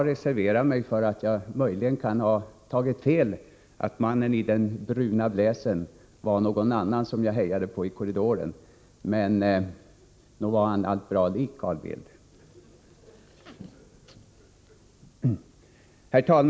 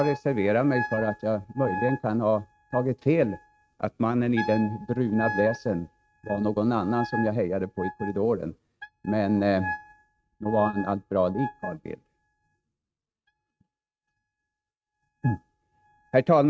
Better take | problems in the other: first | noise reduction (neural mask model RNNoise)

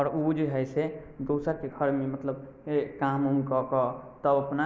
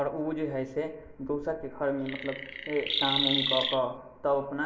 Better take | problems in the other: first | background sound (Chirp, tweet); as loud as the speech // room echo; dies away in 0.2 s

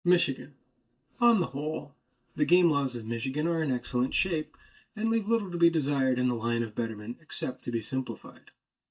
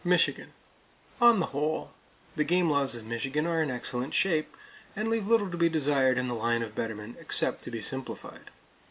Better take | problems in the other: second | noise reduction (neural mask model DeepFilterNet 3)

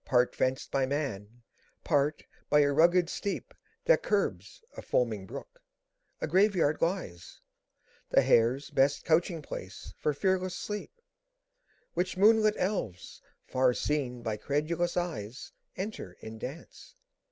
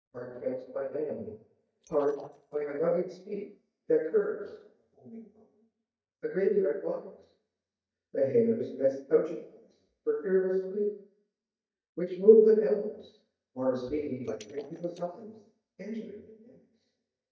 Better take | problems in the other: first | noise reduction (neural mask model DeepFilterNet 3)

